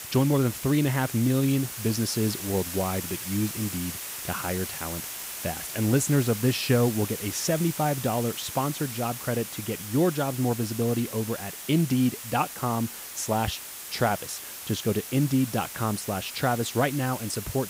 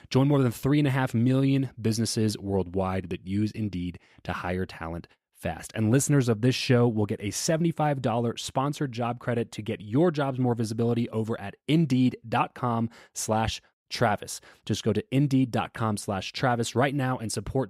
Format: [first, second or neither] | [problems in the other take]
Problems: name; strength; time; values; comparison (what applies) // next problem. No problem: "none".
second | hiss; loud; throughout; 8 dB below the speech